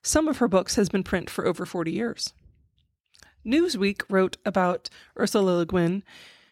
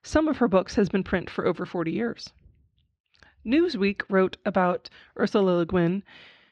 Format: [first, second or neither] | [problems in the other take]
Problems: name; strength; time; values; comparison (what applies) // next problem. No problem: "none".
first | muffled; slightly; fading above 3.5 kHz